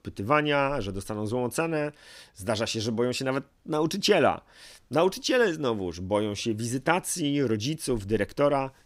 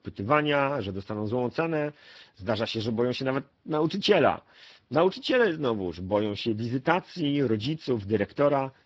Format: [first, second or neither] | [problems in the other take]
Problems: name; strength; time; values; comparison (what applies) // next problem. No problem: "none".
first | garbled, watery; badly